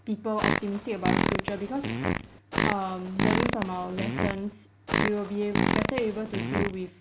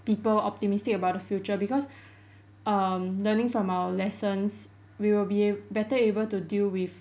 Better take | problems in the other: second | background sound (Fart); 3 dB above the speech

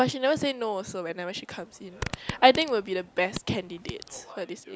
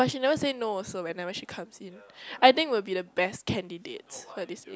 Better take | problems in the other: second | background sound (Fart); 12 dB below the speech

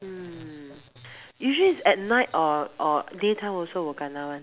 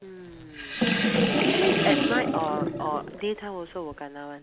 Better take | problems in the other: first | background sound (Sink (filling or washing) / Water); 5 dB above the speech

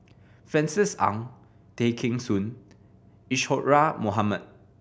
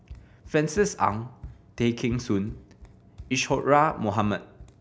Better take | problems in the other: first | background sound (Run); 19 dB below the speech

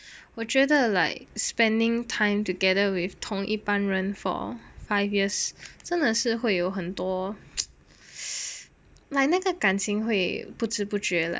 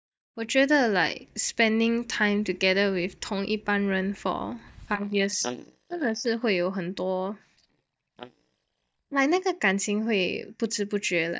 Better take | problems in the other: first | noise reduction (neural mask model DeepFilterNet 3)

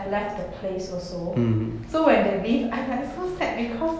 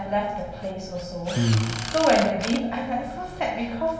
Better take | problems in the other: first | background sound (Drill); 12 dB below the speech // room echo; dies away in 1.3 s

